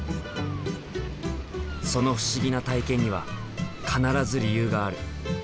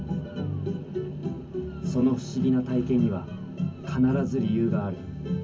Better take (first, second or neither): first